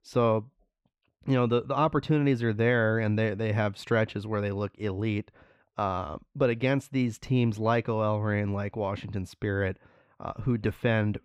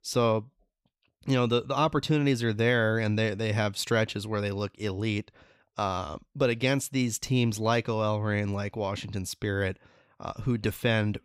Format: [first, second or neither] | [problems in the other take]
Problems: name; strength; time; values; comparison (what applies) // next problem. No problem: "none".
second | muffled; slightly; fading above 3.5 kHz